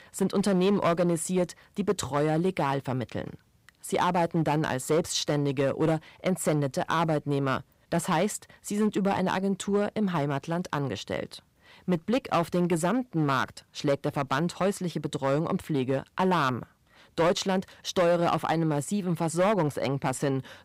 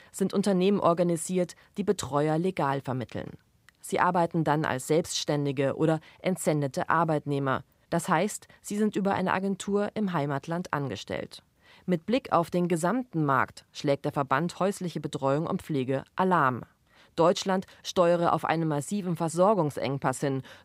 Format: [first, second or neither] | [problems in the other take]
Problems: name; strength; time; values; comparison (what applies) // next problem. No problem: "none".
second | distortion; slight; 5% of the sound clipped